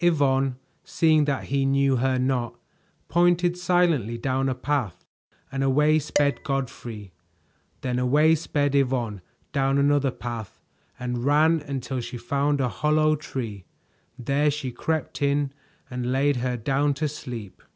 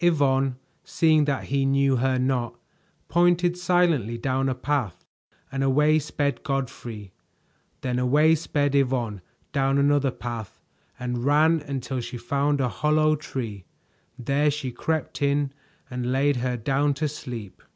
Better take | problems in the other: second | background sound (Dishes, pots, and pans); 12 dB below the speech

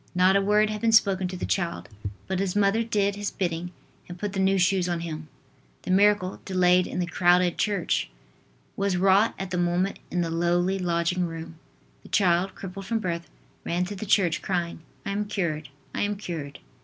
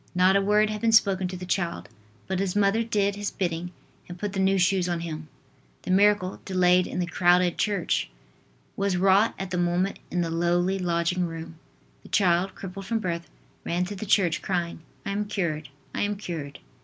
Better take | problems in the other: second | background sound (Walk, footsteps / Bird vocalization, bird call, bird song); 13 dB below the speech

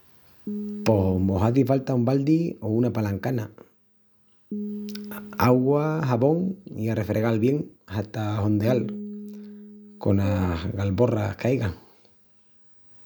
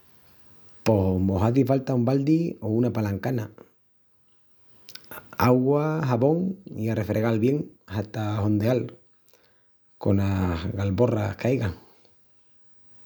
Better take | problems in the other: second | background sound (Piano + Brass instrument); 14 dB below the speech

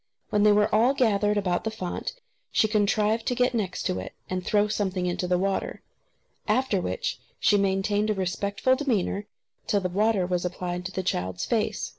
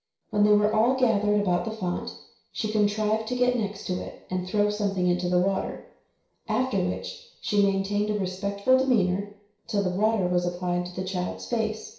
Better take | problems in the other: first | room echo; dies away in 0.6 s

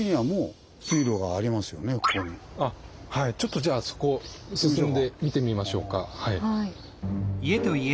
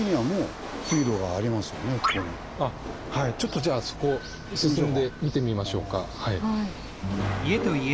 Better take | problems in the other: first | background sound (Rattle / Chatter / Hiss / Engine / Mechanisms); 11 dB below the speech

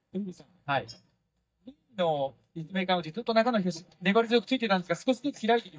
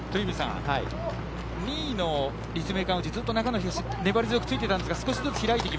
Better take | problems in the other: second | noise reduction (neural mask model DeepFilterNet 3)

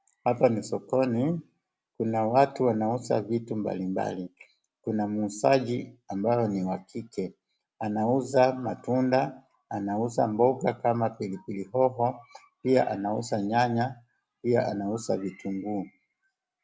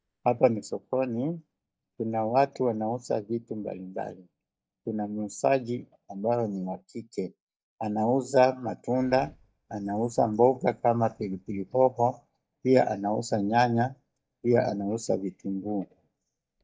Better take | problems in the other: first | noise reduction (neural mask model DeepFilterNet 3)

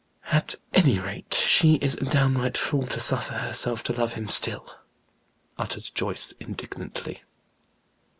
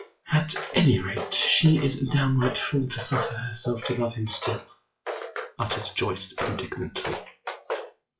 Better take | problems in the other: first | noise reduction (classical method WPE with log-MMSE)

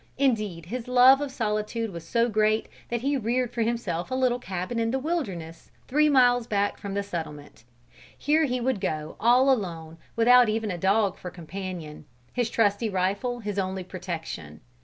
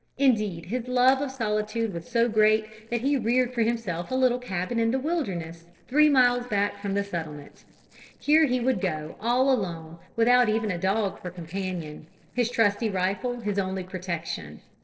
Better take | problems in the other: first | noise reduction (neural separator model SepFormer DNS4)

